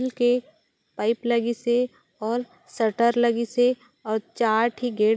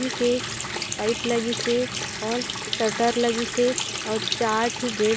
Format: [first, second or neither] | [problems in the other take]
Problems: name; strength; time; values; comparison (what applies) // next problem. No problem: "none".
first | background sound (Water tap, faucet); 5 dB below the speech